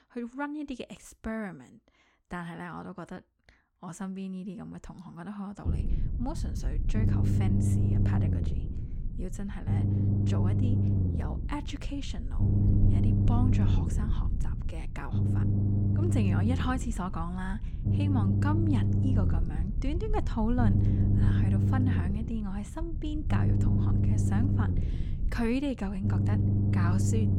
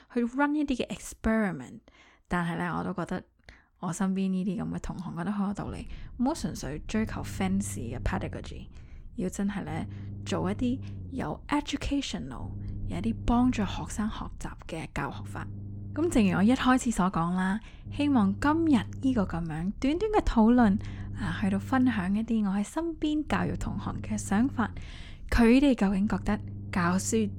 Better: second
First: low rumble; loud; from 5.5 s on; as loud as the speech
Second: low rumble; faint; from 5.5 s on; 20 dB below the speech

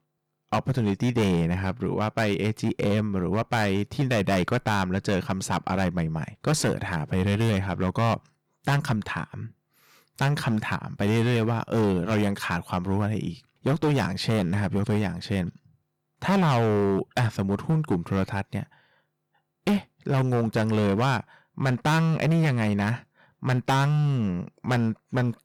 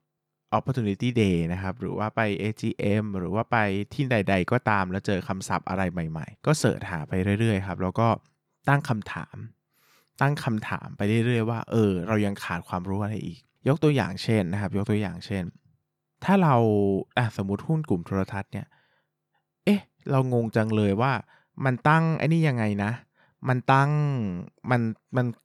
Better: second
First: distortion; heavy; 12% of the sound clipped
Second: none

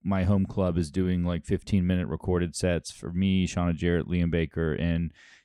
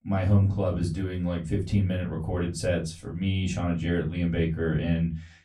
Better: first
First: none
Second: off-mic speech; far // room echo; very slight; dies away in 0.2 s

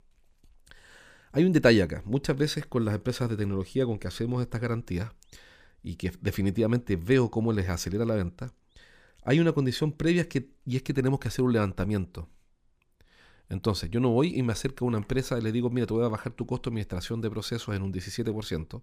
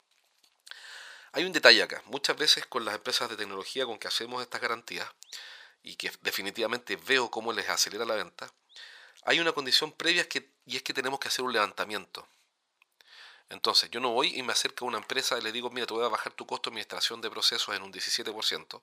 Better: first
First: none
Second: thin; very; fading below 900 Hz

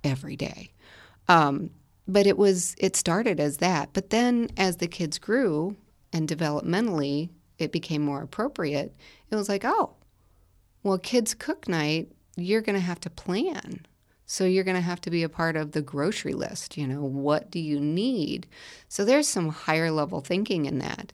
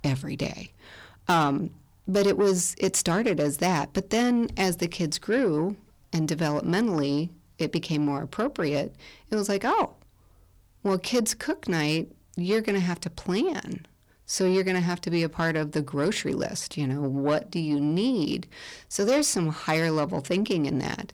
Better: first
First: none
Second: distortion; slight; 10 dB below the speech

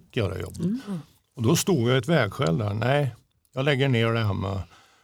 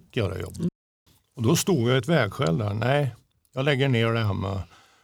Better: first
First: none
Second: audio cutting out; at 0.5 s

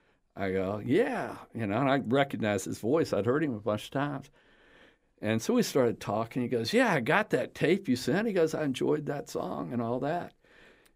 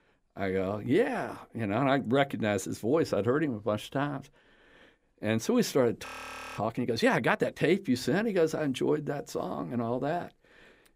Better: first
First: none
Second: audio freezing; at 6 s for 0.5 s

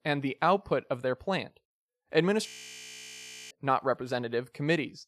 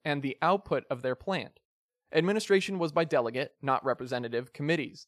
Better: second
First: audio freezing; at 2.5 s for 1 s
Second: none

